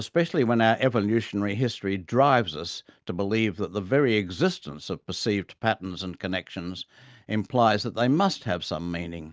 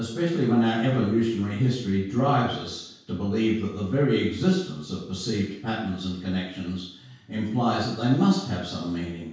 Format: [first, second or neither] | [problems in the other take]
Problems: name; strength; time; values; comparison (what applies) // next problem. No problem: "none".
first | room echo; dies away in 0.6 s